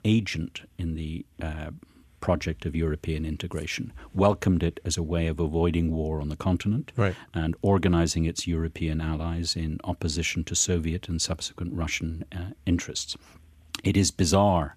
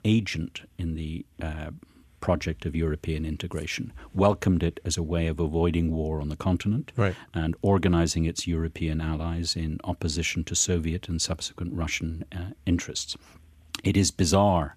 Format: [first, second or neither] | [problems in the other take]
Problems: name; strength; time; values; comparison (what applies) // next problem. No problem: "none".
neither | none